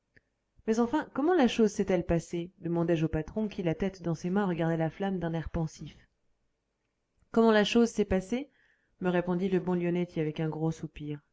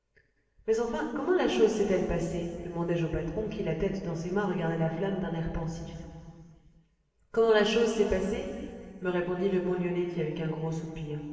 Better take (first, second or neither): first